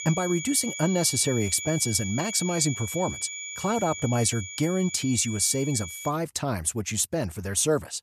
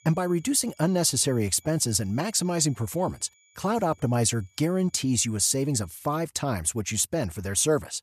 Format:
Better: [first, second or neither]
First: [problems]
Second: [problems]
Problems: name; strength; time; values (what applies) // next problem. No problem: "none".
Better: second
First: high-pitched whine; loud; until 6 s; 7 kHz, 8 dB below the speech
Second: high-pitched whine; faint; until 6 s; 7 kHz, 35 dB below the speech